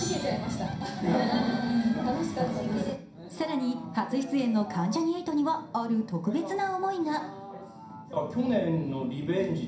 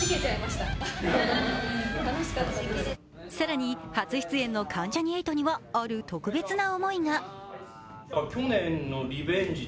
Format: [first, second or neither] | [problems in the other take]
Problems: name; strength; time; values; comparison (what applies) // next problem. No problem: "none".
second | room echo; dies away in 0.5 s